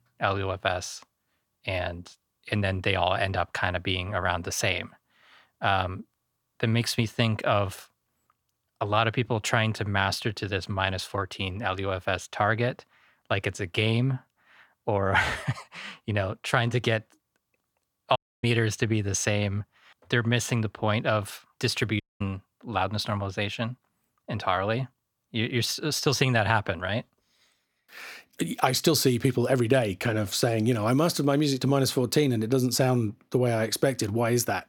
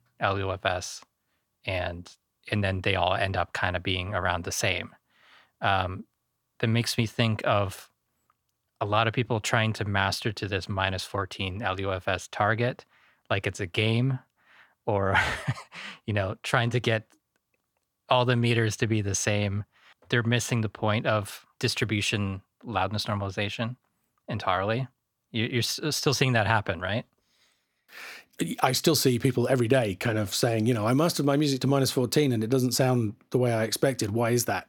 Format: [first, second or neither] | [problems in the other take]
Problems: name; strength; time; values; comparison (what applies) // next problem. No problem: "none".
second | audio cutting out; at 18 s and at 22 s